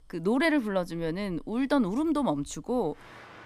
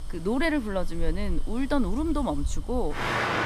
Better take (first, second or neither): first